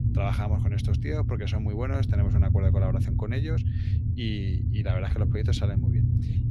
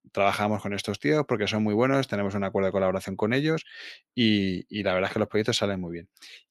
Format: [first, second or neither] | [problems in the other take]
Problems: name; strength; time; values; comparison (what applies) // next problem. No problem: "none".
second | low rumble; loud; throughout; 2 dB below the speech